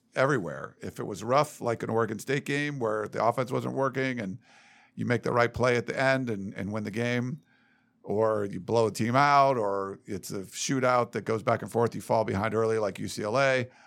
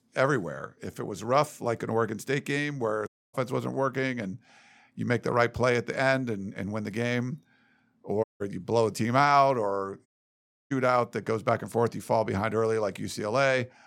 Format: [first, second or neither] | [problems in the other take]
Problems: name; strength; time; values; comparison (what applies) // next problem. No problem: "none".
first | audio cutting out; at 3 s, at 8 s and at 10 s for 0.5 s